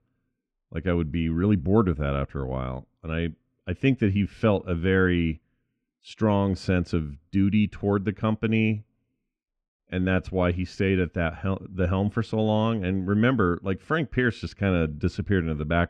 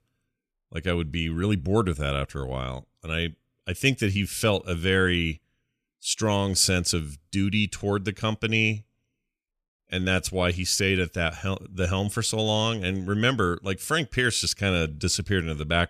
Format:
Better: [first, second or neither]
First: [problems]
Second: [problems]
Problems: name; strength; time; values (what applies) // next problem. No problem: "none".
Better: second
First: muffled; very; fading above 1.5 kHz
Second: none